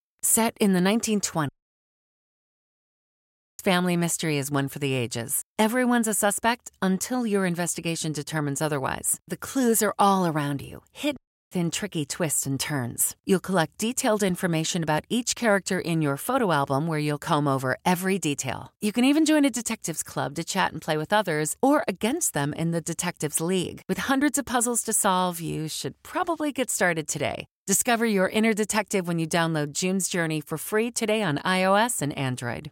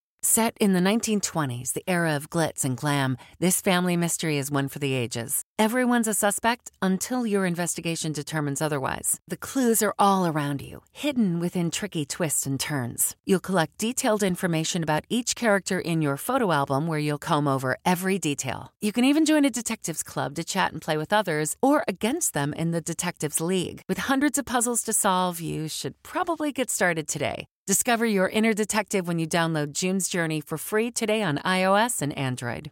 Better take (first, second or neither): second